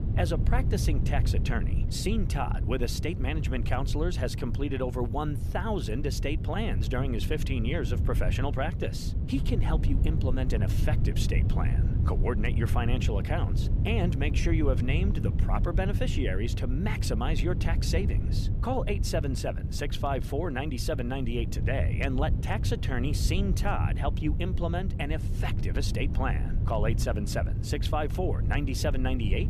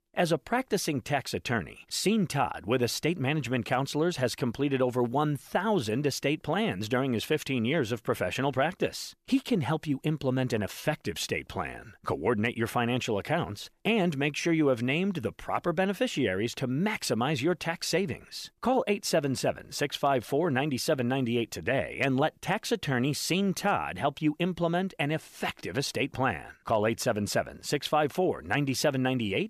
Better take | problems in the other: second | wind noise on the microphone; heavy; 9 dB below the speech

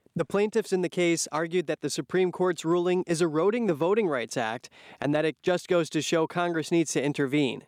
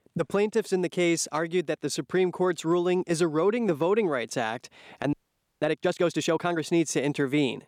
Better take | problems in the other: first | audio freezing; at 5 s

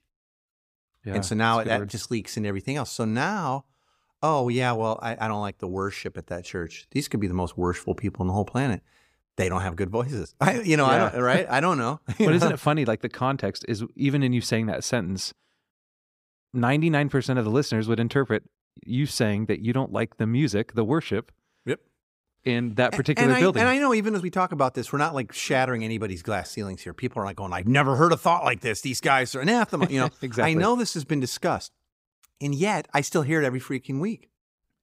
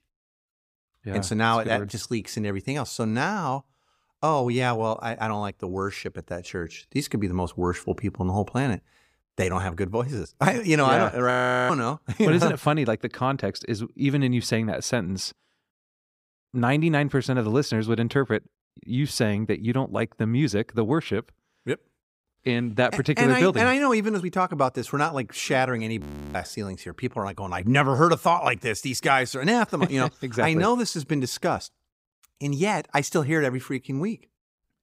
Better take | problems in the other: first | audio freezing; at 11 s and at 26 s

